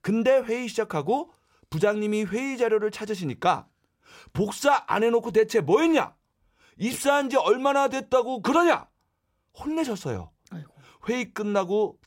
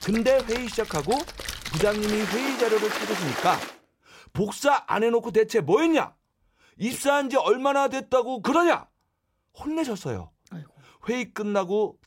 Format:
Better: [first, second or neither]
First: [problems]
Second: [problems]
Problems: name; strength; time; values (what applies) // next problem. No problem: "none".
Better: first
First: none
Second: rain or running water; loud; until 3.5 s; 7 dB below the speech